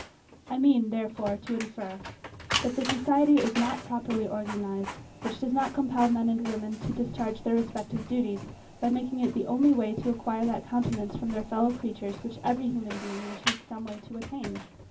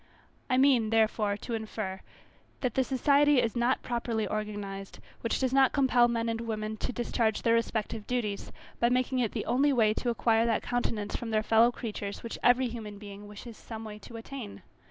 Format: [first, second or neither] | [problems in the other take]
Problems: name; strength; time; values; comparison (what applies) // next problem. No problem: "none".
second | background sound (Printer); 11 dB below the speech // room echo; dies away in 0.4 s